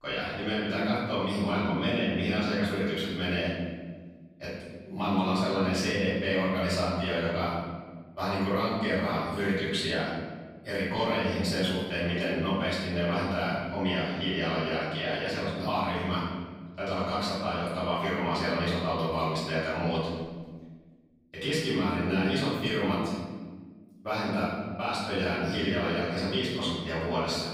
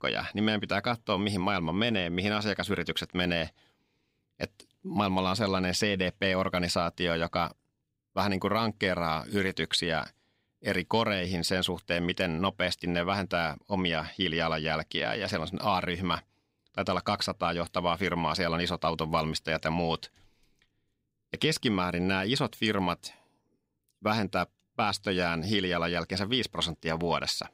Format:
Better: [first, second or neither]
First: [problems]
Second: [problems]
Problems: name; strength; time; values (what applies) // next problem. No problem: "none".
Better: second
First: off-mic speech; far // room echo; strong; dies away in 1.6 s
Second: none